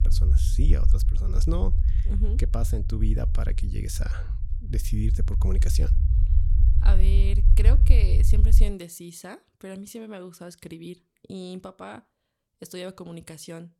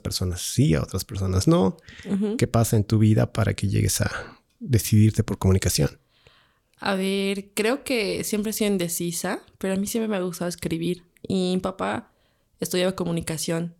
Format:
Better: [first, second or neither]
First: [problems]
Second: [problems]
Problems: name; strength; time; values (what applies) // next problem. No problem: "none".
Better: second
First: low rumble; loud; until 8.5 s; 5 dB below the speech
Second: none